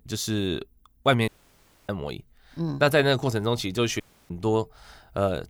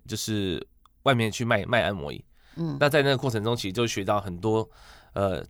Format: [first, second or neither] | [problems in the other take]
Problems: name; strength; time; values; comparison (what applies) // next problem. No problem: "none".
second | audio cutting out; at 1.5 s for 0.5 s and at 4 s